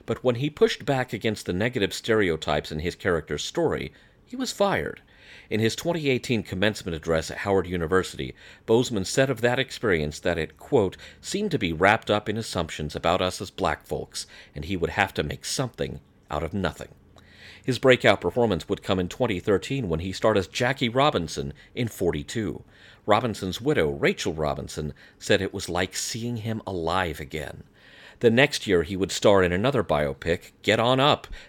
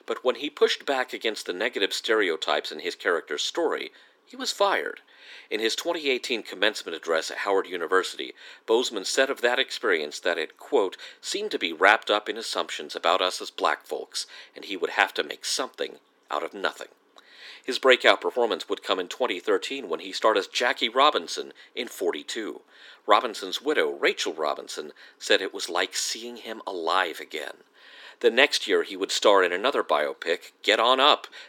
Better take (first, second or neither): first